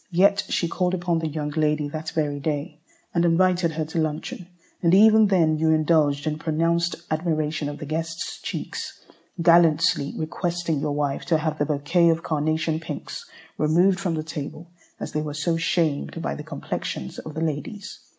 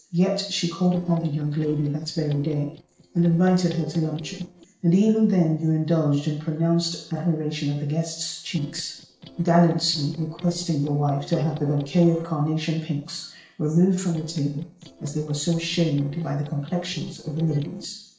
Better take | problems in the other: first | noise reduction (neural separator model SepFormer DNS4)

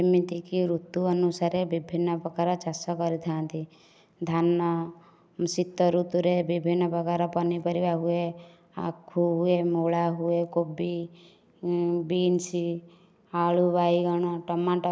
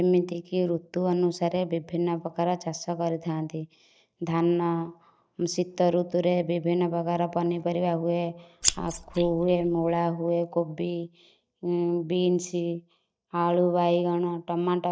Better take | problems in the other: first | noise reduction (neural mask model DeepFilterNet 3)

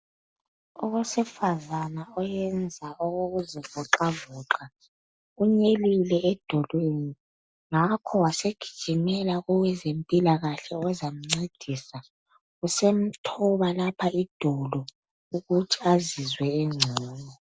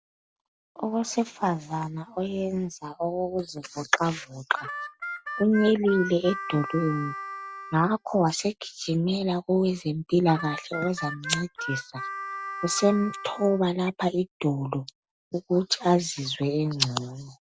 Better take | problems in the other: first | background sound (Harmonica); 9 dB below the speech

